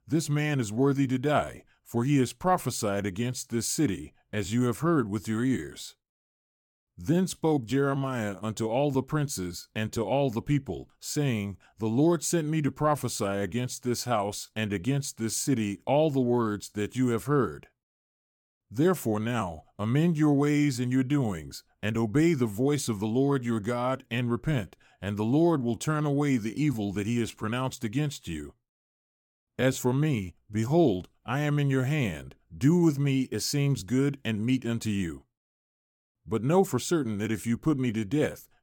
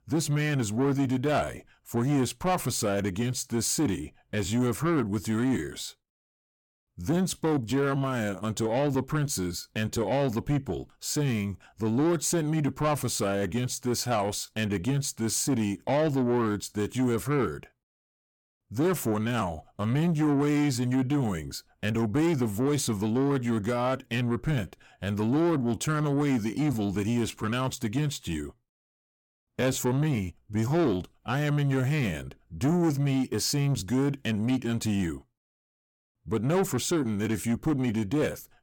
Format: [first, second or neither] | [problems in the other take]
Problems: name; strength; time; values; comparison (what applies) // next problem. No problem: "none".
first | distortion; slight; 10 dB below the speech